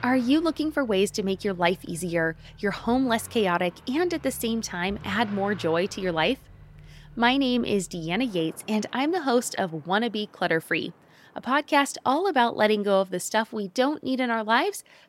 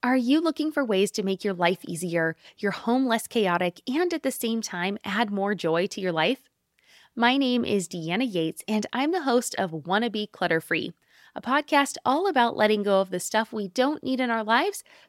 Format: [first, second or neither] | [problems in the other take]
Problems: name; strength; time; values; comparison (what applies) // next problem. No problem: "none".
second | traffic noise; faint; throughout; 25 dB below the speech